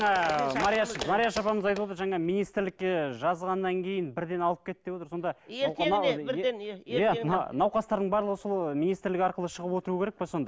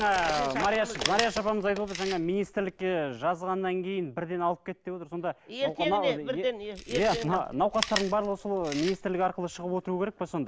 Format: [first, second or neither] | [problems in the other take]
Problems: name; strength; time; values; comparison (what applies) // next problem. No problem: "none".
first | background sound (Chewing, mastication); 12 dB below the speech